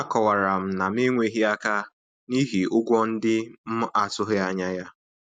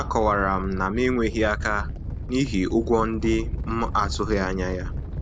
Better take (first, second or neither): first